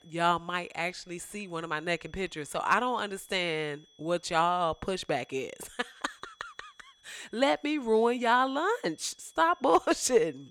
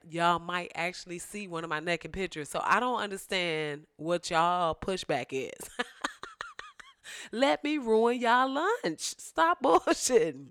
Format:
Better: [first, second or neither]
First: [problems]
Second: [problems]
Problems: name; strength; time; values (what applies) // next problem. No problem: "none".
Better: second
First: high-pitched whine; faint; throughout; 3.5 kHz, 30 dB below the speech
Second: none